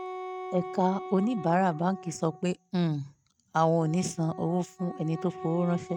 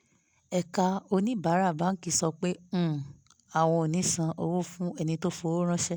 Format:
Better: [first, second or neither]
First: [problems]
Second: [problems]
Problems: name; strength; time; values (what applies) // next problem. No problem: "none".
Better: second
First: noise reduction (neural mask model RNNoise)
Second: none